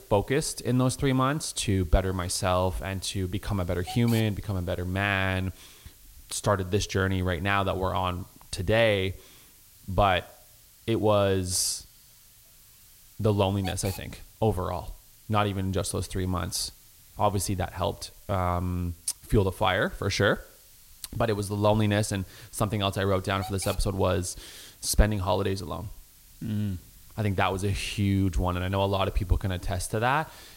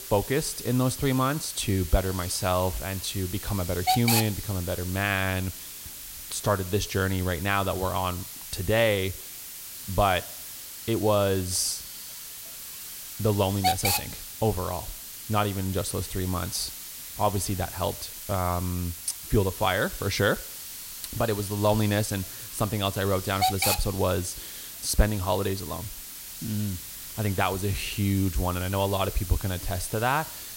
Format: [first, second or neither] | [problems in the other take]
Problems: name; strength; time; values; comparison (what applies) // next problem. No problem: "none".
first | hiss; loud; throughout; 6 dB below the speech; faint in the first